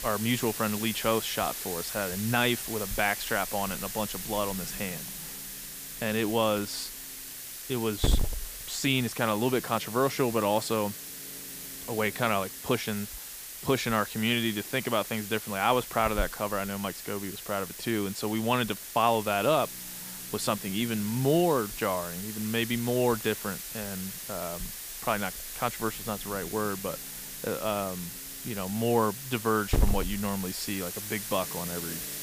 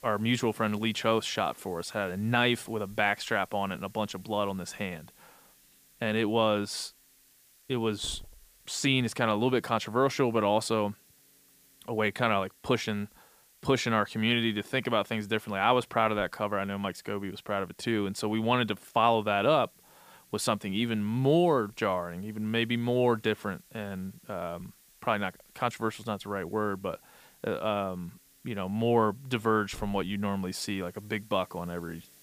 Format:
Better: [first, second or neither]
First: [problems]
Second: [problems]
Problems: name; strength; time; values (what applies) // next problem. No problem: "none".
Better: second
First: hiss; loud; throughout; 6 dB below the speech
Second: hiss; faint; throughout; 25 dB below the speech